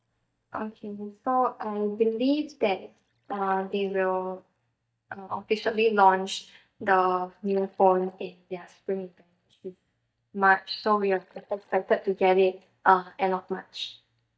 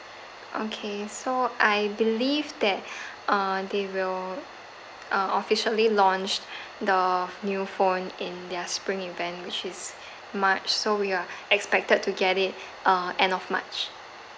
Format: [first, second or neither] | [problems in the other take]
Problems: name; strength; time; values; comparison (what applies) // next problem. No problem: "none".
second | noise reduction (neural mask model DeepFilterNet 3)